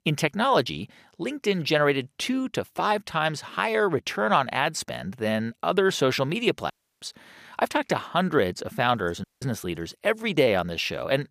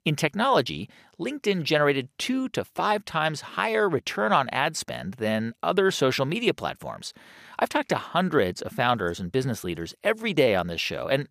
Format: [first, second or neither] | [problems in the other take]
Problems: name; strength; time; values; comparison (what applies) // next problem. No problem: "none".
second | audio cutting out; at 6.5 s and at 9 s